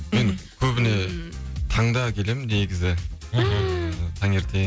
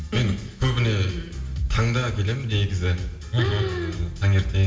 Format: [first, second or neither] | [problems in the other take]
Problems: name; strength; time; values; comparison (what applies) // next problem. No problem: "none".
first | room echo; dies away in 1.6 s